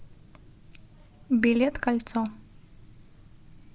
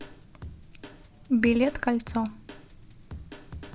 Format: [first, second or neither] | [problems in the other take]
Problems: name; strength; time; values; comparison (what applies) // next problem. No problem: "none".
first | background sound (Drum kit); 15 dB below the speech